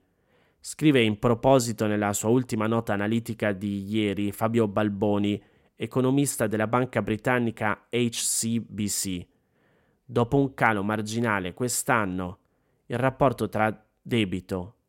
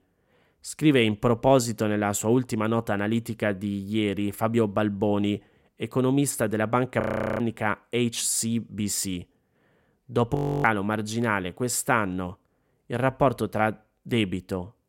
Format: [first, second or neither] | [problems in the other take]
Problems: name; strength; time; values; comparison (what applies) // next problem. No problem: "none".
first | audio freezing; at 7 s and at 10 s